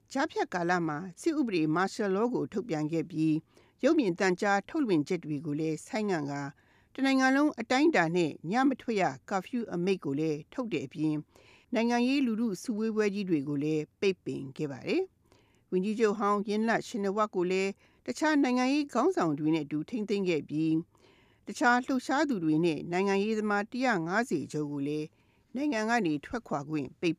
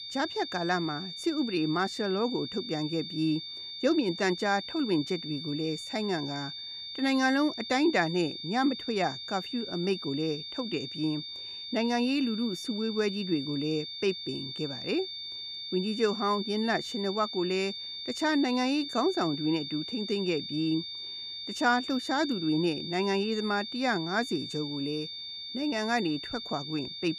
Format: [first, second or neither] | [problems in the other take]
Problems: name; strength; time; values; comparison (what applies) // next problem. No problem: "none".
first | high-pitched whine; loud; throughout; 3.5 kHz, 7 dB below the speech